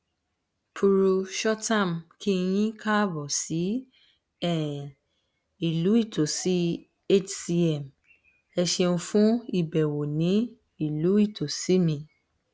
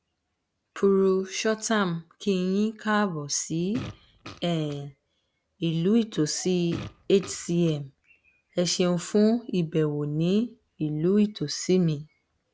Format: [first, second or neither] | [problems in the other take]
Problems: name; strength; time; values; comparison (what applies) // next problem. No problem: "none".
first | background sound (Fart); 15 dB below the speech